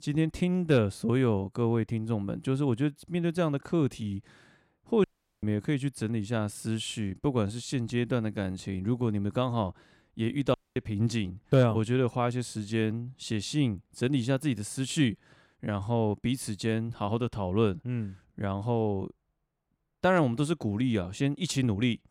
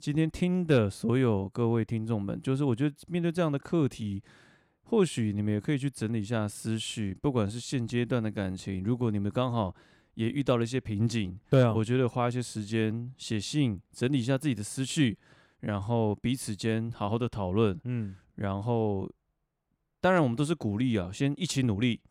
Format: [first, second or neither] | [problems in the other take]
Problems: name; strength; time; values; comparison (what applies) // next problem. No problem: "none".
second | audio cutting out; at 5 s and at 11 s